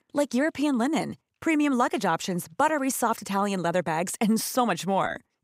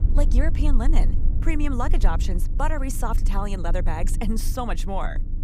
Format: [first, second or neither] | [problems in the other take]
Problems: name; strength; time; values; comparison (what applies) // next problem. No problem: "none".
first | low rumble; noticeable; throughout; 15 dB below the speech